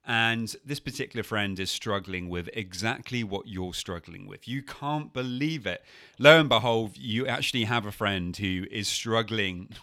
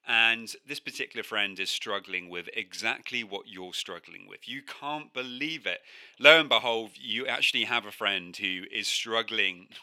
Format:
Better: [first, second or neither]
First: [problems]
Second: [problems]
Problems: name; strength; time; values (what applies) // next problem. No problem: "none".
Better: first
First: none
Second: thin; somewhat; fading below 350 Hz